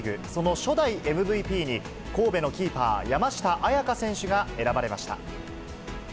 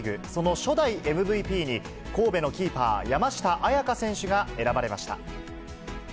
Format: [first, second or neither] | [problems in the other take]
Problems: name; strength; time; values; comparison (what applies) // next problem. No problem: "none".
second | background sound (Fixed-wing aircraft, airplane); 18 dB below the speech